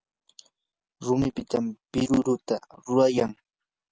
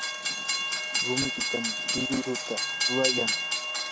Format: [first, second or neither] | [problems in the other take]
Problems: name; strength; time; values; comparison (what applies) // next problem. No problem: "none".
first | background sound (Train); 5 dB above the speech